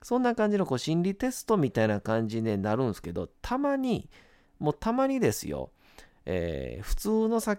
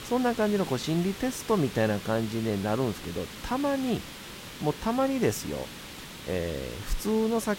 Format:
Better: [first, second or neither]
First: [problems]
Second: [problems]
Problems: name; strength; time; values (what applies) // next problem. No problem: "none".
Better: first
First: none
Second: hiss; noticeable; throughout; 10 dB below the speech